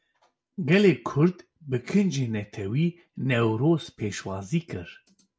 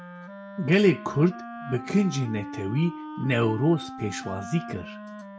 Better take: first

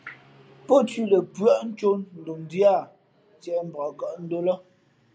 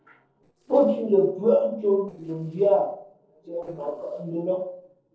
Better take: first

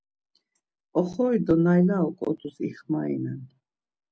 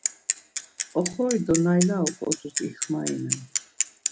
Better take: first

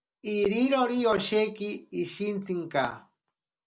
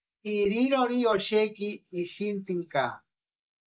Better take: first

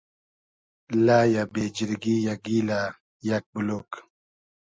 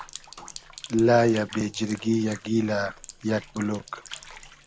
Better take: first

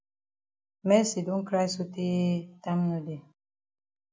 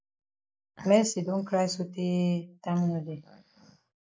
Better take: first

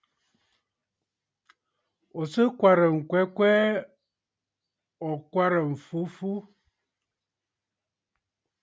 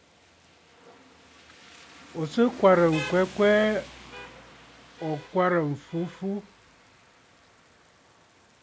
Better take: first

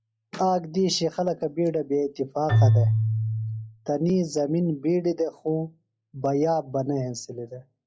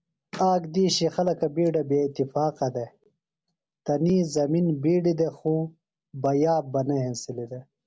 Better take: second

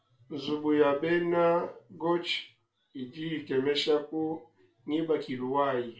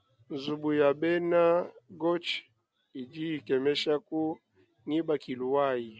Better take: second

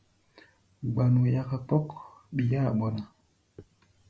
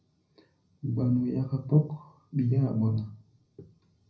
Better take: first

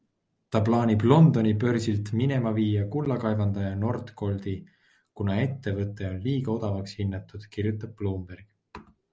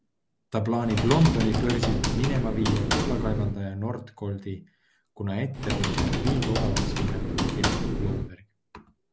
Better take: first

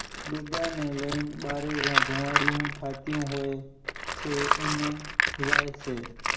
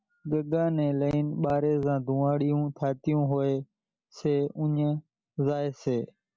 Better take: second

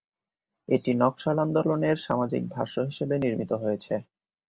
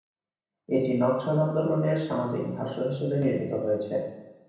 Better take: first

